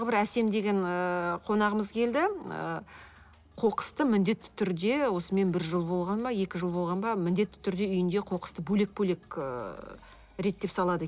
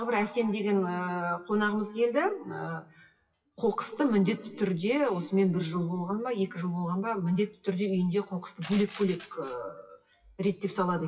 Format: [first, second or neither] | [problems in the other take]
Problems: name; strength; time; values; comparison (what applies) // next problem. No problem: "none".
first | noise reduction (classical method WPE with log-MMSE)